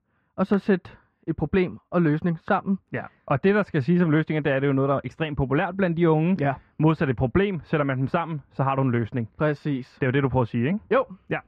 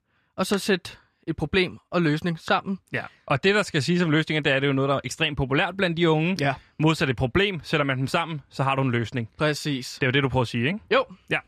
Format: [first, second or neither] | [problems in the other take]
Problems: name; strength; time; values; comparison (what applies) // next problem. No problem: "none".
second | muffled; very; fading above 3.5 kHz